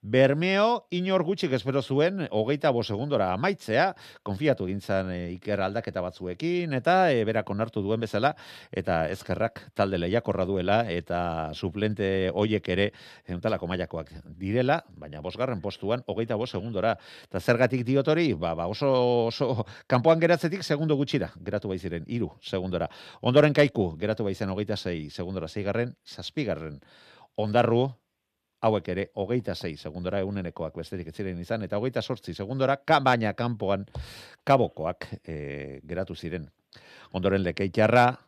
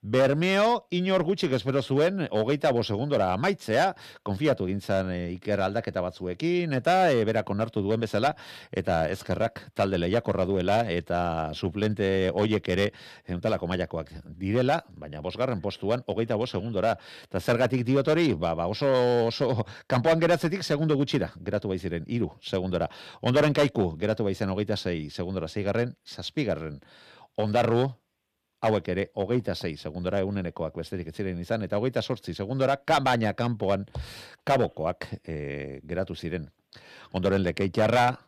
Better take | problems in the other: first | distortion; slight; 3% of the sound clipped

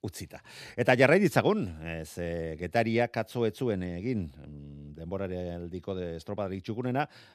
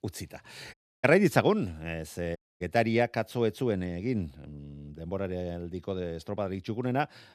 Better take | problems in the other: first | audio cutting out; at 0.5 s and at 2.5 s

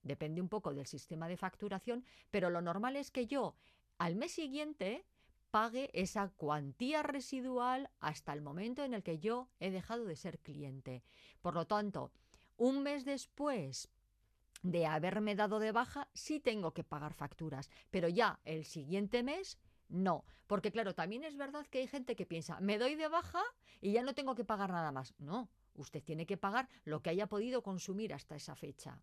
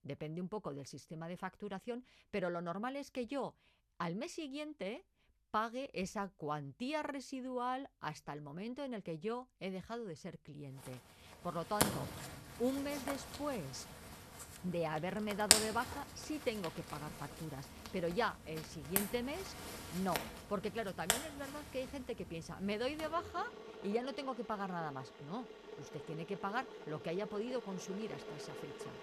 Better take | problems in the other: first | household noises; very loud; from 11 s on; as loud as the speech

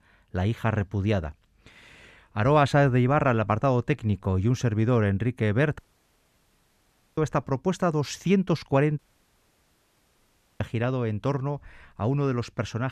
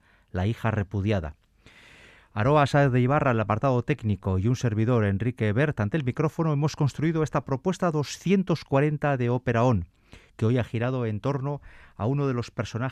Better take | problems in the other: second | audio cutting out; at 6 s for 1.5 s and at 9 s for 1.5 s

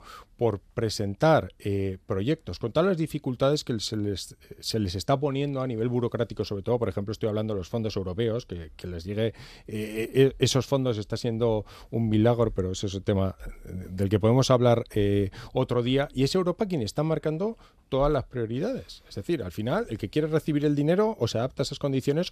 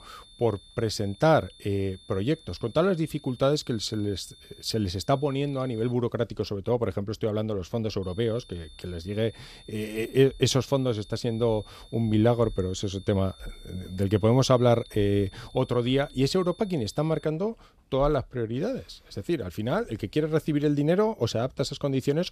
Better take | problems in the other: first | high-pitched whine; faint; until 6 s and from 8 to 17 s; 3.5 kHz, 25 dB below the speech

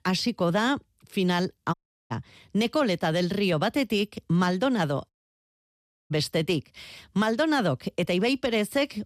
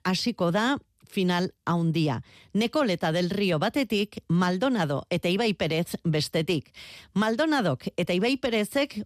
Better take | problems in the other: second | audio cutting out; at 1.5 s and at 5 s for 1 s

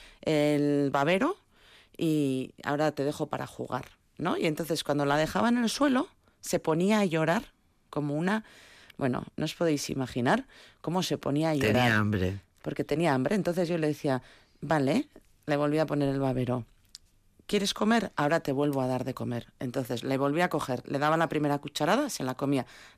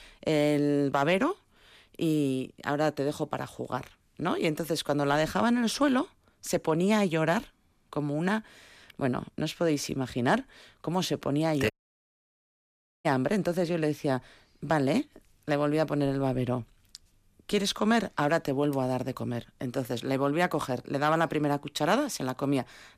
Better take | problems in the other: first | audio cutting out; at 12 s for 1.5 s

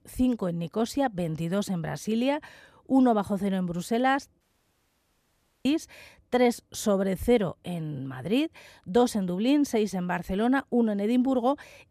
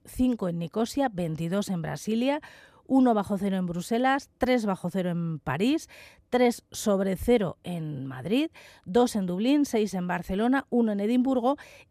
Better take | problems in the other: second | audio cutting out; at 4.5 s for 1 s

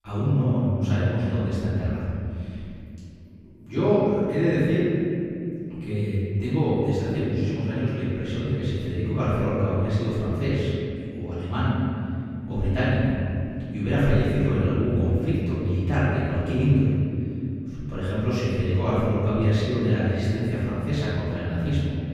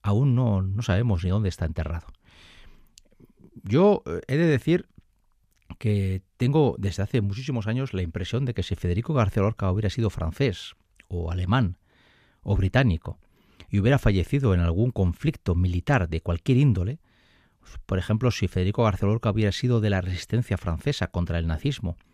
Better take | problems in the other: second | room echo; strong; dies away in 3 s // off-mic speech; far

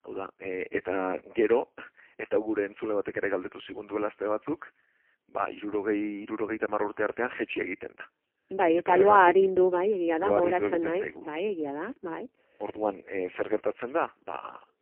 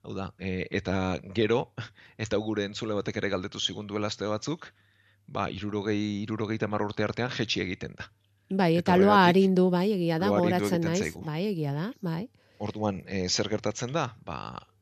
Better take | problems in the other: second | phone-call audio; poor line; nothing above 3 kHz

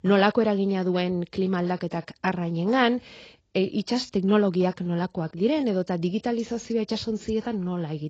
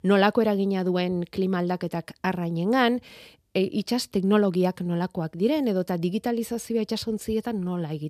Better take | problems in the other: second | garbled, watery; badly; nothing above 7.5 kHz

